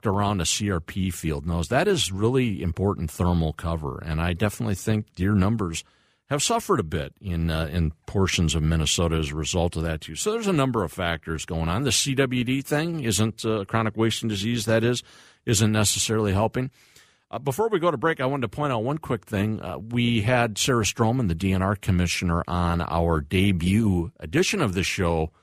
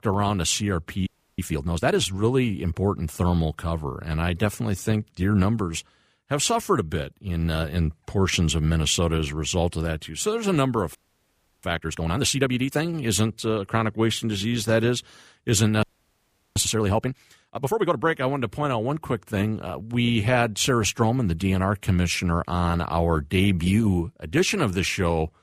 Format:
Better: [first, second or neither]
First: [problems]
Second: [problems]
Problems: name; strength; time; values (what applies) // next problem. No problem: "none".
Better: first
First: none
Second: audio freezing; at 1 s, at 11 s for 0.5 s and at 16 s for 0.5 s